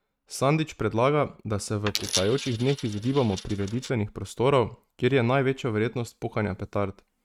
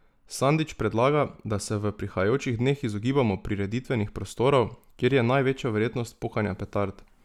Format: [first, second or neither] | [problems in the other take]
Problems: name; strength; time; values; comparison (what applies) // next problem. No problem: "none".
second | noise reduction (neural mask model RNNoise)